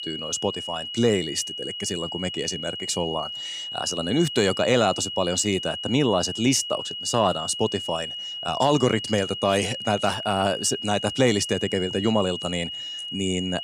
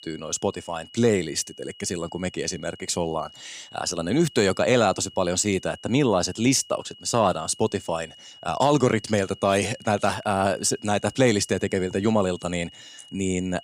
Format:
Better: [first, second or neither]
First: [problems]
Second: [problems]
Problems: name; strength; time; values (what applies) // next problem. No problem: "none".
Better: second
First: high-pitched whine; loud; throughout; 3 kHz, 6 dB below the speech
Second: high-pitched whine; faint; throughout; 3 kHz, 20 dB below the speech